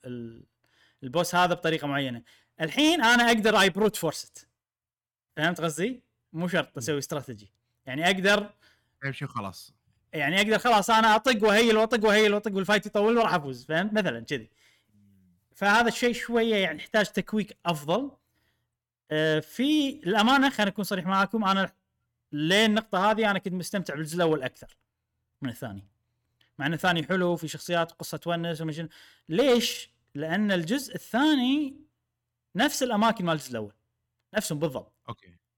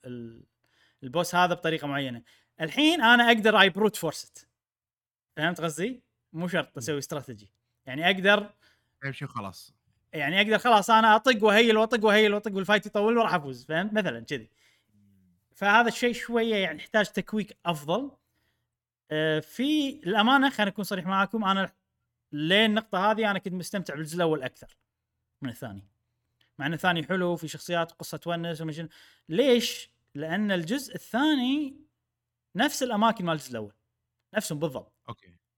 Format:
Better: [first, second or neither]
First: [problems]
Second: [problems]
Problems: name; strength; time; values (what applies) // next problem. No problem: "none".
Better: second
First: distortion; slight; 3% of the sound clipped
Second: none